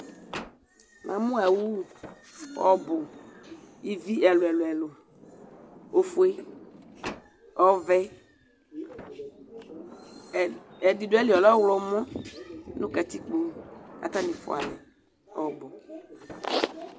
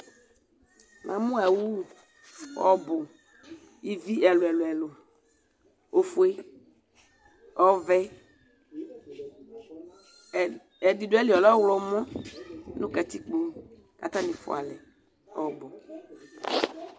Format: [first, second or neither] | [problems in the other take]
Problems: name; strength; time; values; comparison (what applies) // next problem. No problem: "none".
second | background sound (Sliding door); 20 dB below the speech